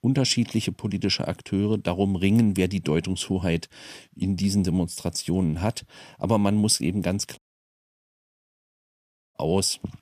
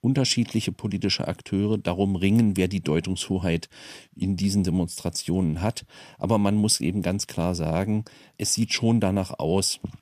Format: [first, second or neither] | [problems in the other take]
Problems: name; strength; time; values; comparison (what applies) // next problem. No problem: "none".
second | audio cutting out; at 7.5 s for 2 s